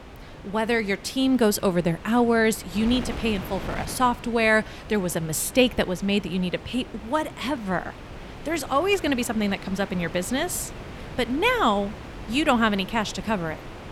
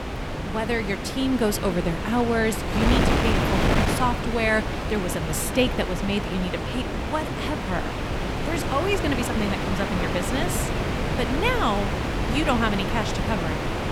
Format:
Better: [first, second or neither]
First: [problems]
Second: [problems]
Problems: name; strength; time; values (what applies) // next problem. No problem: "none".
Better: first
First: wind noise on the microphone; occasional gusts; 15 dB below the speech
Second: wind noise on the microphone; heavy; 1 dB below the speech